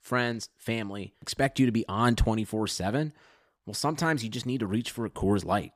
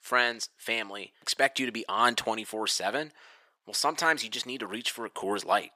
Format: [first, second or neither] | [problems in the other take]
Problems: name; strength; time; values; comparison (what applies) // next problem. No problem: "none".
first | thin; very; fading below 550 Hz